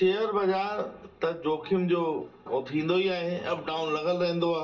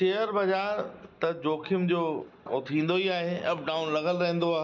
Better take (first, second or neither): second